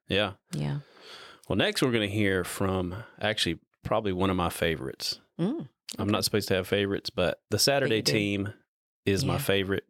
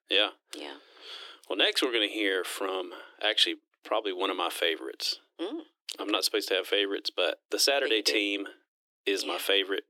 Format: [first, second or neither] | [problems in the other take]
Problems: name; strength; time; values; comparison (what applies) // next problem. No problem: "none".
first | thin; somewhat; fading below 300 Hz